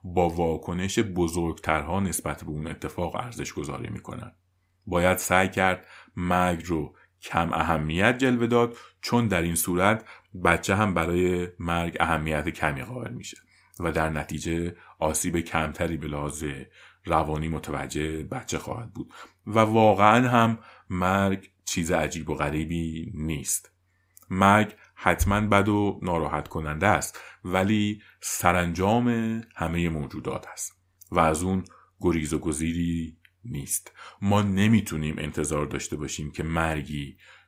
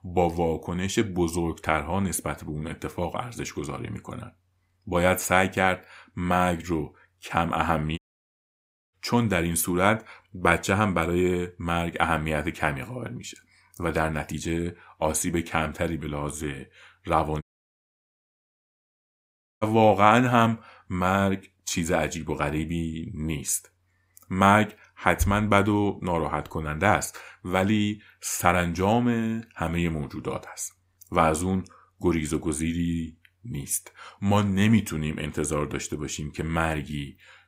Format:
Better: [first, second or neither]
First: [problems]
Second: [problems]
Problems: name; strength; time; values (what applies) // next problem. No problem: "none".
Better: first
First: none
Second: audio cutting out; at 8 s for 1 s and at 17 s for 2 s